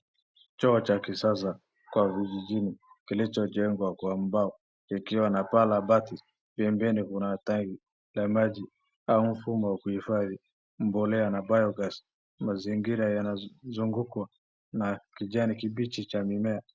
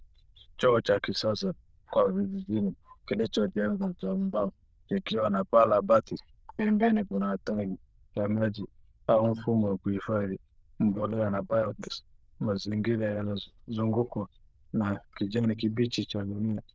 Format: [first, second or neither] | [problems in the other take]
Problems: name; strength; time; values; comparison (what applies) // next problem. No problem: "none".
first | noise reduction (neural diffusion model UNIVERSE++)